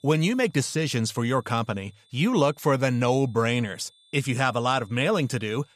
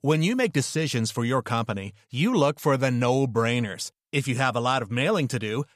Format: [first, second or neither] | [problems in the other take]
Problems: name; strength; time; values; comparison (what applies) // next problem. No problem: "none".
second | high-pitched whine; faint; throughout; 3.5 kHz, 35 dB below the speech